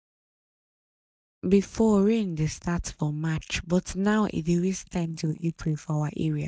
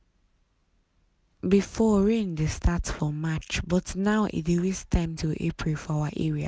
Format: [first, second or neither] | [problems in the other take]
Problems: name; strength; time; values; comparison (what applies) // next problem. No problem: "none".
second | noise reduction (neural mask model DeepFilterNet 3)